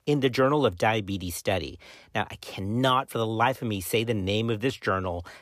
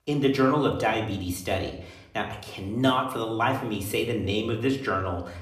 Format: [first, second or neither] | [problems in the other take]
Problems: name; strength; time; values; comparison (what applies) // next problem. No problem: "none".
first | room echo; slight; dies away in 0.6 s // off-mic speech; somewhat distant